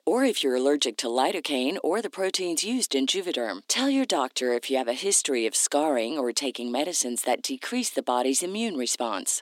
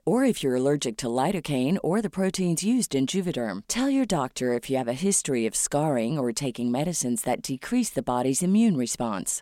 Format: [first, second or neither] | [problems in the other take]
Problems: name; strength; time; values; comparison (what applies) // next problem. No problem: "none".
second | thin; very slightly; fading below 300 Hz